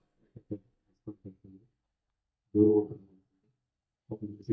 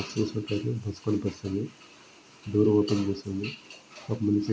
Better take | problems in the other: second | noise reduction (neural mask model DeepFilterNet 3)

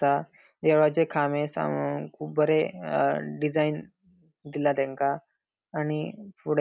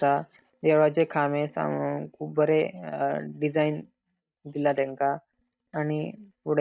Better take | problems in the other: first | noise reduction (neural mask model DeepFilterNet 3)

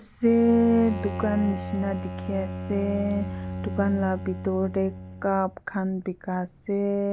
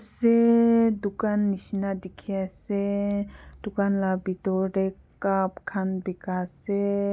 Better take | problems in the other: second | background sound (Bowed string instrument); 9 dB below the speech

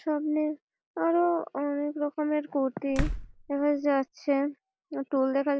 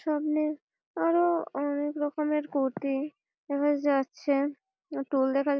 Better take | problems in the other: second | background sound (Slam); 5 dB below the speech

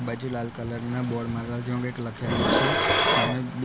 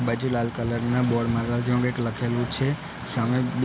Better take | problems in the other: second | background sound (Dishes, pots, and pans); 2 dB above the speech

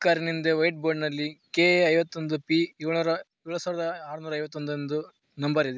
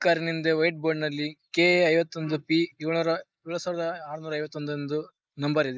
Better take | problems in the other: first | noise reduction (neural mask model Resemble Enhance denoiser)

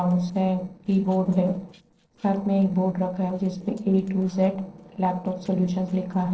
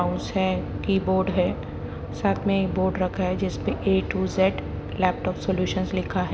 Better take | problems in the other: second | noise reduction (neural separator model SepFormer DNS4)

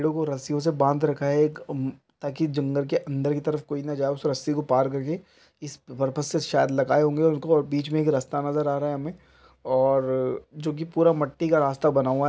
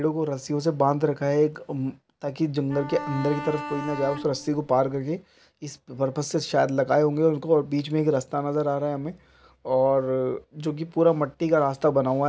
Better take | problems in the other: first | background sound (Bowed string instrument); 11 dB below the speech

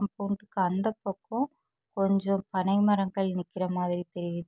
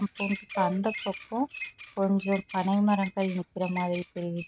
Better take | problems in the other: first | noise reduction (neural mask model RNNoise)

